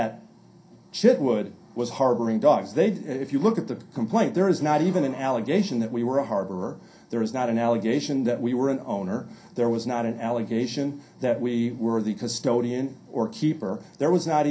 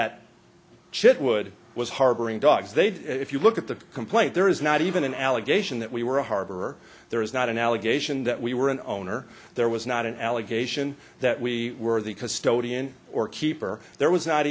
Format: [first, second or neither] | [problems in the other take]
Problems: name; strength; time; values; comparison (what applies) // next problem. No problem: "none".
second | room echo; dies away in 0.3 s